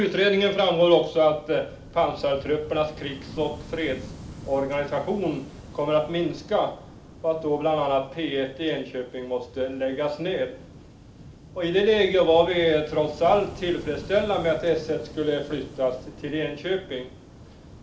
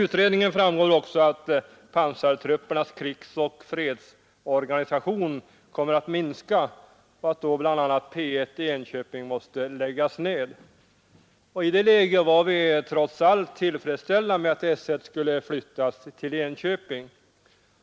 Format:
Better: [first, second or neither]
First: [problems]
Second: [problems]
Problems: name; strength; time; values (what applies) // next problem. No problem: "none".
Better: second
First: background sound (Waves, surf / Wind); 17 dB below the speech // room echo; dies away in 0.4 s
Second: none